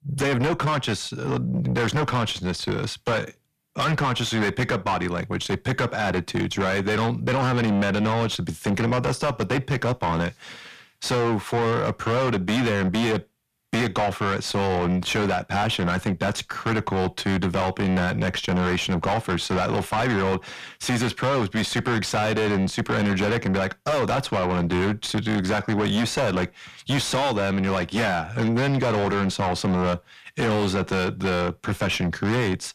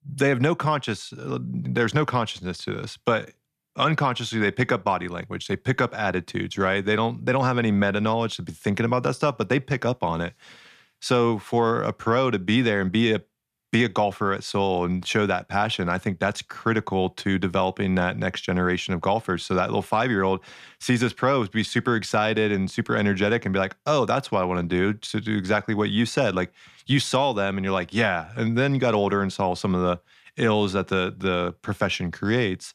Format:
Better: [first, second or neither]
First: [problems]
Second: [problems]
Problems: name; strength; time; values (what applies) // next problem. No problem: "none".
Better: second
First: distortion; heavy; 5 dB below the speech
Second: none